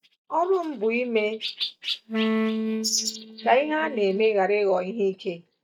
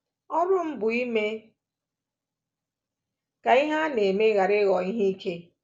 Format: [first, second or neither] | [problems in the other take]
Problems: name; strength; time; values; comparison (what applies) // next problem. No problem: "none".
second | noise reduction (neural mask model DeepFilterNet 3)